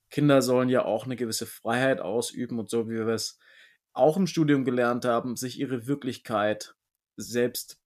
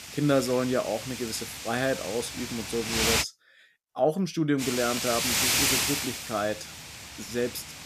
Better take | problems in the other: first | wind noise on the microphone; heavy; until 3 s and from 4.5 s on; 2 dB above the speech

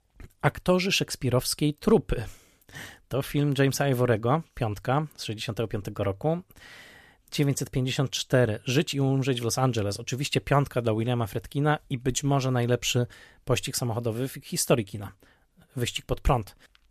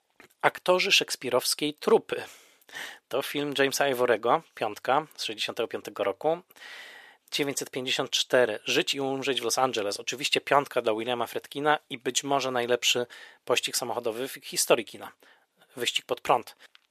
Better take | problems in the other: first | thin; somewhat; fading below 450 Hz

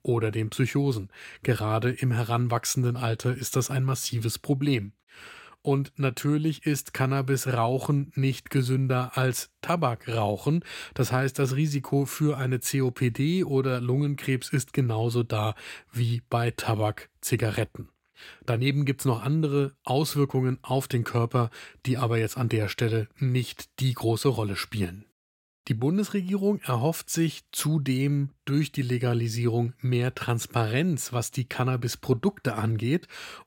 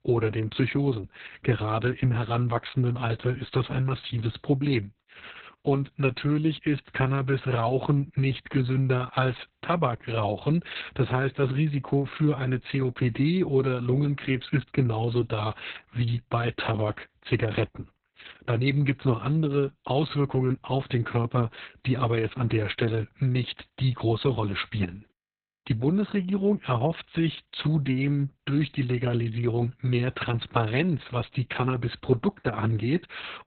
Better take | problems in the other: first | garbled, watery; badly; nothing above 4 kHz

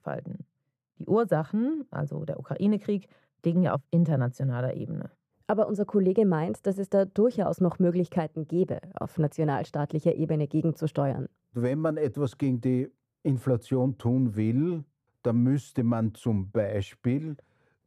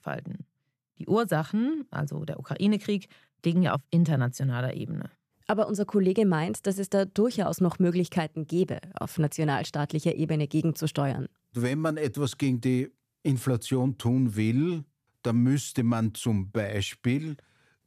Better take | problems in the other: second | muffled; very; fading above 2 kHz

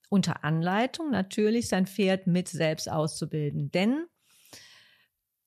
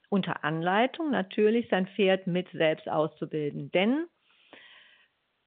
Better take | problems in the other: first | phone-call audio

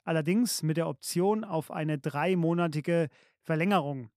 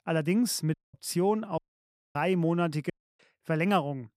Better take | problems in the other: first | audio cutting out; at 0.5 s, at 1.5 s for 0.5 s and at 3 s

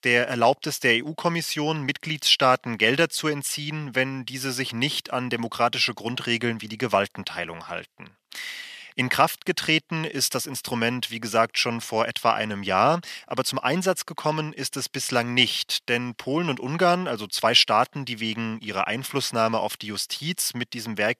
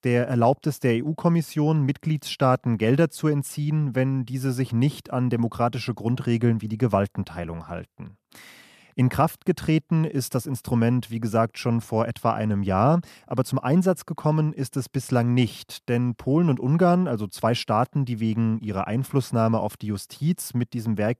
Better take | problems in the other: second | thin; somewhat; fading below 750 Hz

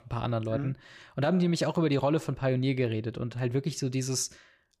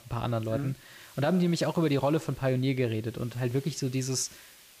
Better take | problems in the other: first | hiss; faint; throughout; 20 dB below the speech

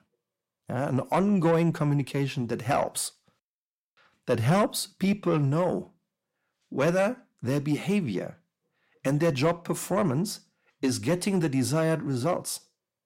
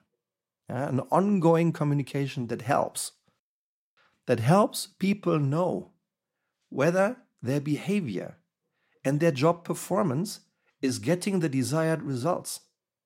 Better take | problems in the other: second | distortion; slight; 10 dB below the speech

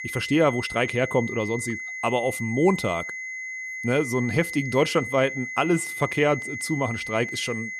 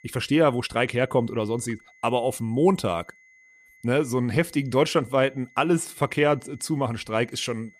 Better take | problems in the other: second | high-pitched whine; loud; throughout; 2 kHz, 7 dB below the speech; faint in the second

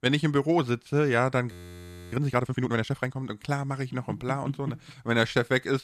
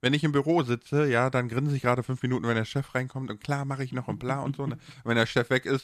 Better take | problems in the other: second | audio freezing; at 1.5 s for 0.5 s

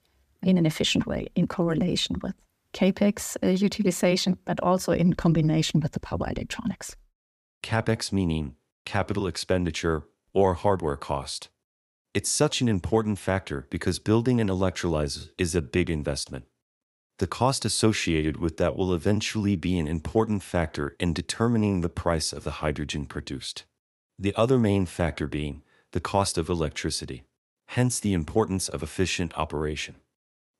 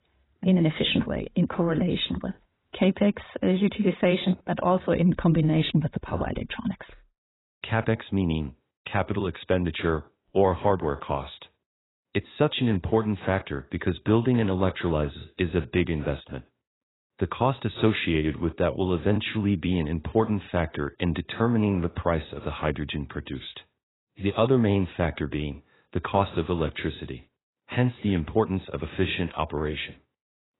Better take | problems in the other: first | garbled, watery; badly; nothing above 4 kHz

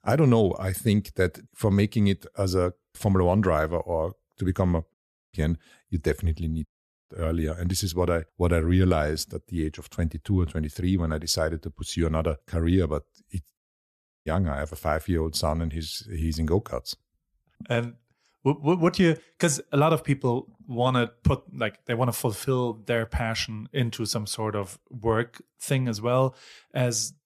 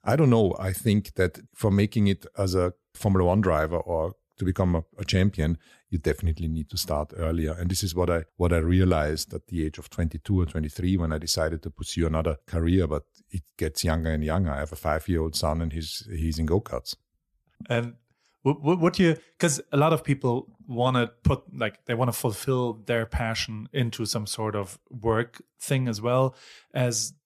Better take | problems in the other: second | audio cutting out; at 5 s, at 6.5 s and at 14 s for 0.5 s

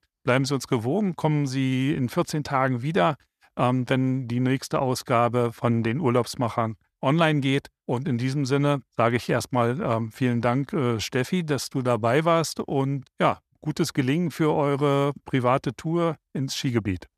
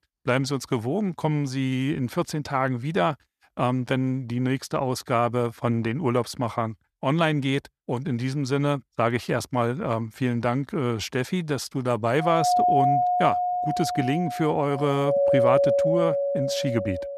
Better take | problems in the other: first | doorbell; loud; from 12 s on; peak 6 dB above the speech

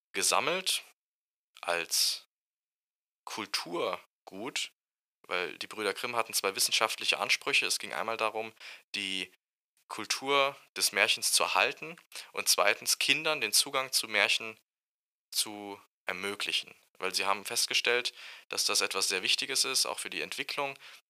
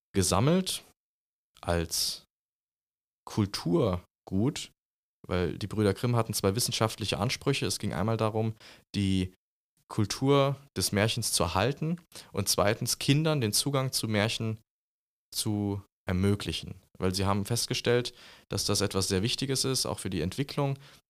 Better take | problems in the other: second | thin; very; fading below 650 Hz

